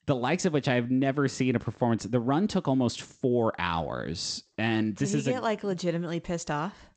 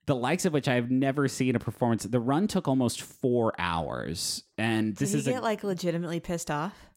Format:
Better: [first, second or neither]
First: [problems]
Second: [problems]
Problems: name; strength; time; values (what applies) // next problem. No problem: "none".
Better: second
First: garbled, watery; slightly; nothing above 8 kHz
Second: none